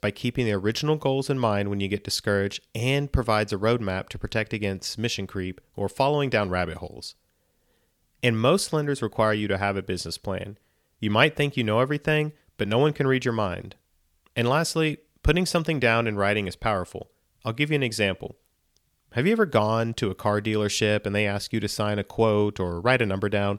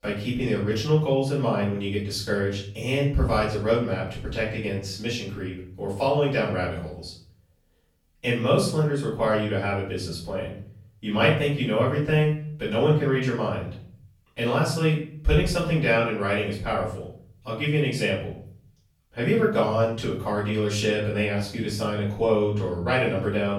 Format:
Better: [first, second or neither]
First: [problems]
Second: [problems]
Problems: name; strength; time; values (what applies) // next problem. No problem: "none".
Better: first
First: none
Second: off-mic speech; far // room echo; noticeable; dies away in 0.6 s